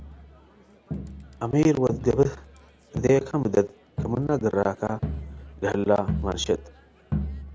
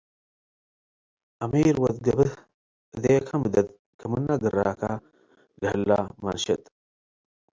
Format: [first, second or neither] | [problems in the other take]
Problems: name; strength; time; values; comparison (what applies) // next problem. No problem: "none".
second | background sound (Crowd); 9 dB below the speech